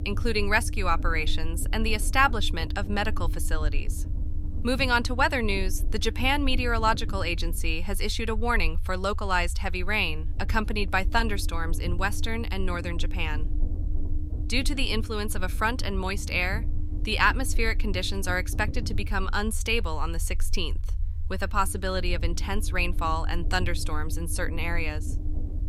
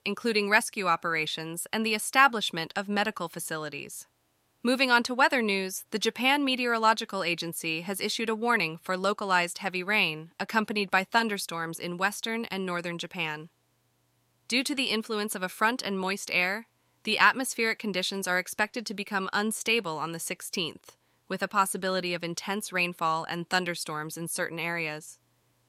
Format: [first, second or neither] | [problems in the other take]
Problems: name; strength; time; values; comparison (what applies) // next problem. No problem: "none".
second | low rumble; noticeable; throughout; 20 dB below the speech